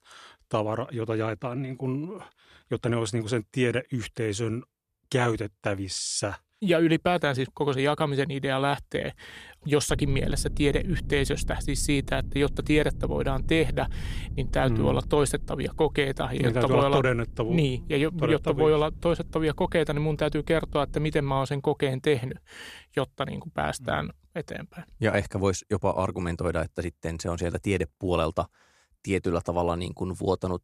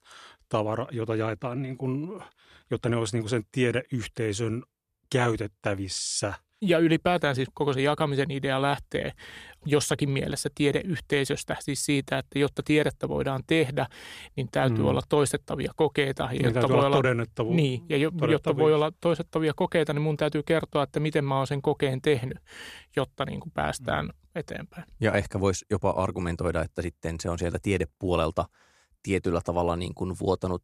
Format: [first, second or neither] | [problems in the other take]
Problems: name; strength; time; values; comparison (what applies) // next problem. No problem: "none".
second | low rumble; faint; from 10 to 21 s; 25 dB below the speech